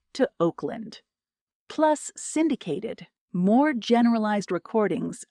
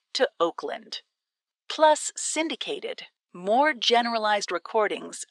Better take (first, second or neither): first